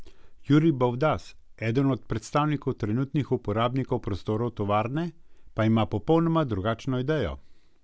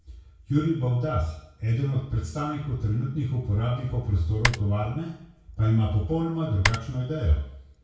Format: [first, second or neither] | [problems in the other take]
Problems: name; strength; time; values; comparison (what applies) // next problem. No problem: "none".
first | background sound (Typing); 7 dB below the speech // room echo; dies away in 0.6 s